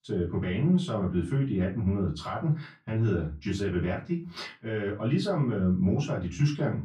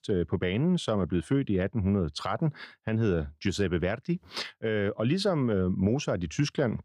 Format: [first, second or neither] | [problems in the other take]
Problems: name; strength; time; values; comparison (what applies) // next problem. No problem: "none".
second | off-mic speech; far // room echo; very slight; dies away in 0.3 s